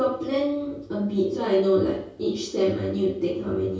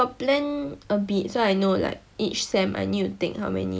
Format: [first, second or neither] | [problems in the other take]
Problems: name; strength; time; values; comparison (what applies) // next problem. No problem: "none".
second | room echo; dies away in 0.6 s